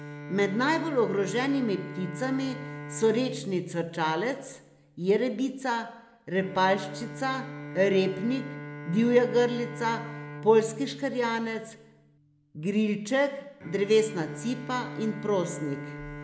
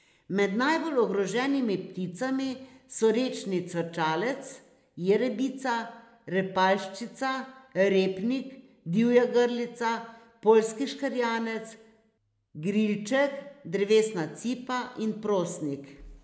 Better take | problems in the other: second | background sound (Bowed string instrument); 13 dB below the speech

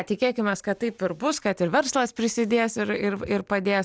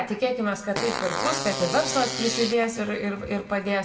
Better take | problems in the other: first | background sound (Fart); 6 dB below the speech // room echo; dies away in 0.8 s

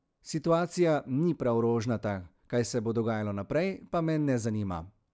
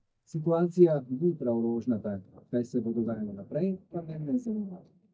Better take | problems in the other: first | noise reduction (neural mask model DeepFilterNet 3)

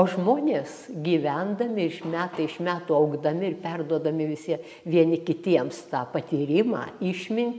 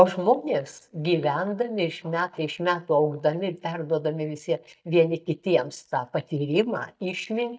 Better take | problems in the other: first | noise reduction (neural mask model DeepFilterNet 3)

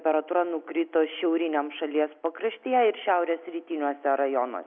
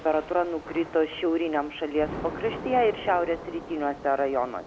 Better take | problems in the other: first | background sound (Thunder / Rain); 13 dB below the speech

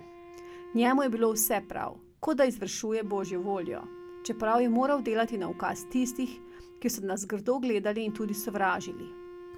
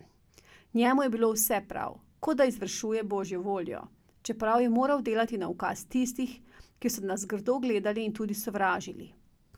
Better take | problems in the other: second | background sound (Wind instrument, woodwind instrument); 17 dB below the speech

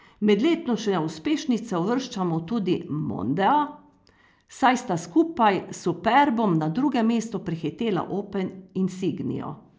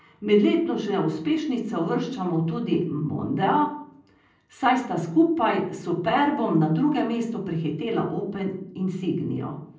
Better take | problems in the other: first | room echo; dies away in 0.6 s

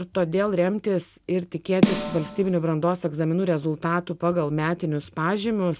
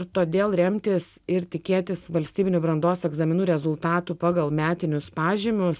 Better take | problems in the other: second | background sound (Snare drum); 4 dB below the speech

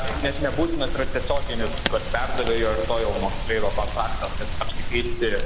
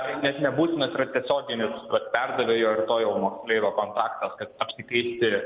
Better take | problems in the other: second | background sound (Rain); 2 dB above the speech

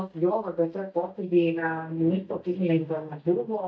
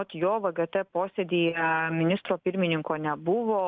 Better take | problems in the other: second | noise reduction (neural mask model DeepFilterNet 3)

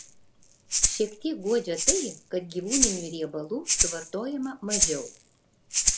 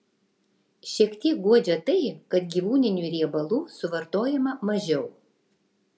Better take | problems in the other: second | background sound (Rattle (instrument)); 3 dB above the speech

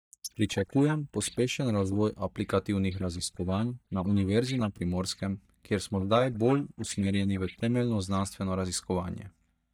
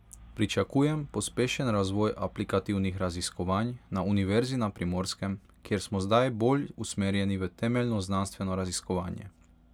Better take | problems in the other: second | noise reduction (neural mask model DeepFilterNet 3)

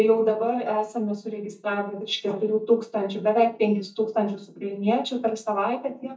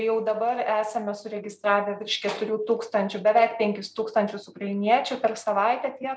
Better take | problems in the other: second | noise reduction (neural mask model DeepFilterNet 3)

